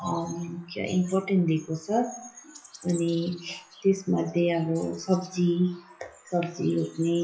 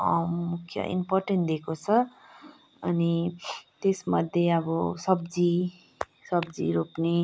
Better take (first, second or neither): second